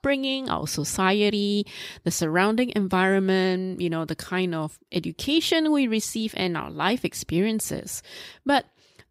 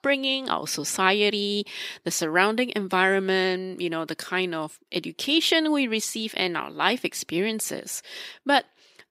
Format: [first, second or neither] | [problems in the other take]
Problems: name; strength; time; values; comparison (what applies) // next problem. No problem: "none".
first | thin; very slightly; fading below 250 Hz